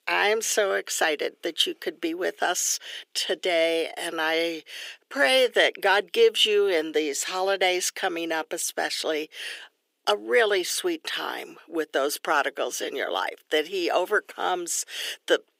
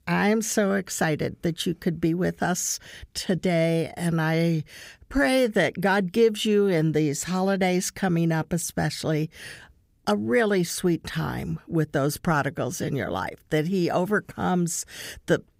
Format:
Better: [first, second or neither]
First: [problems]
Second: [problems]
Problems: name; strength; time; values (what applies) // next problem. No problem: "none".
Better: second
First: thin; very; fading below 350 Hz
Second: none